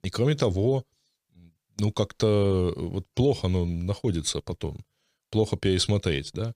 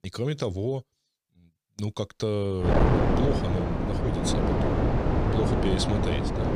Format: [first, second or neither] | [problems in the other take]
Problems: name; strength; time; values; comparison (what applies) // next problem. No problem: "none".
first | wind noise on the microphone; heavy; from 2.5 s on; 4 dB above the speech